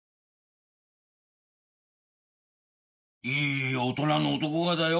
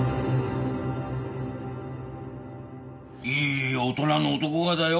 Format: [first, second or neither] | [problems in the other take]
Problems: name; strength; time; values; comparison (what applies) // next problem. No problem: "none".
second | noise reduction (neural mask model Resemble Enhance denoiser)